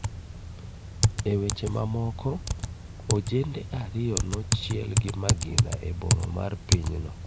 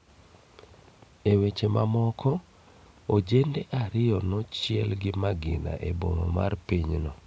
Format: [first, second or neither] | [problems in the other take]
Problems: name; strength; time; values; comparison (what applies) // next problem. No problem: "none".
second | background sound (Typing); 2 dB above the speech